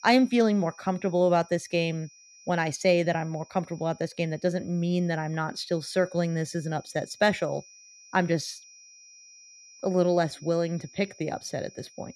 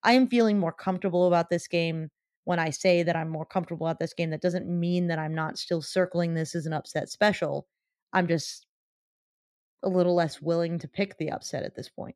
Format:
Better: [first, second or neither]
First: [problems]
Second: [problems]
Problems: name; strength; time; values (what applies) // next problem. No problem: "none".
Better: second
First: high-pitched whine; faint; throughout; 5.5 kHz, 25 dB below the speech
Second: none